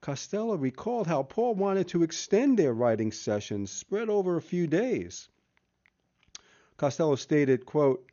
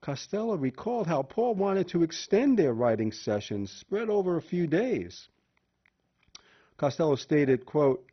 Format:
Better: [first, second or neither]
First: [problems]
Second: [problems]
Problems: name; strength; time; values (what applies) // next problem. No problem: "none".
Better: first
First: garbled, watery; slightly; nothing above 6.5 kHz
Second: garbled, watery; badly; nothing above 6 kHz